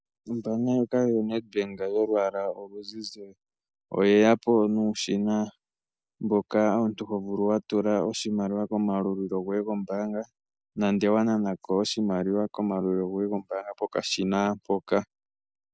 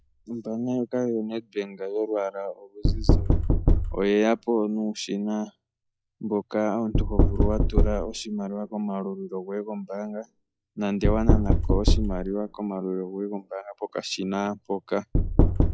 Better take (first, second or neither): first